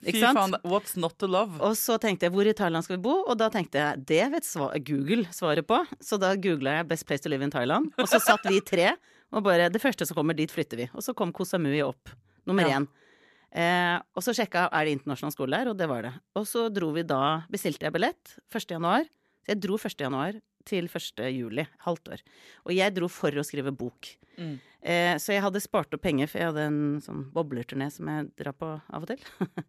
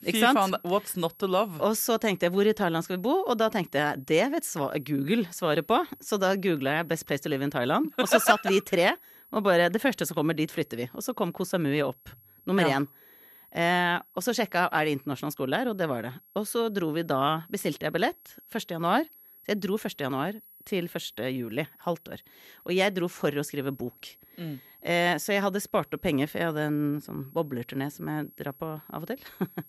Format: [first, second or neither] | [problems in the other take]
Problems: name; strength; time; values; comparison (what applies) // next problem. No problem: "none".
first | high-pitched whine; faint; throughout; 11.5 kHz, 25 dB below the speech